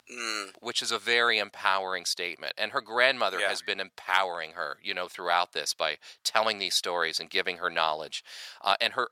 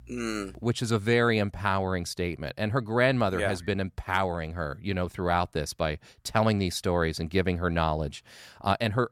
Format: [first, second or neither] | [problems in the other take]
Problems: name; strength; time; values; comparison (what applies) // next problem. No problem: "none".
second | thin; very; fading below 700 Hz